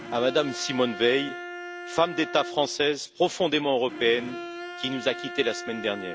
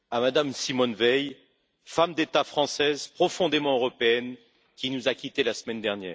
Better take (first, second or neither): second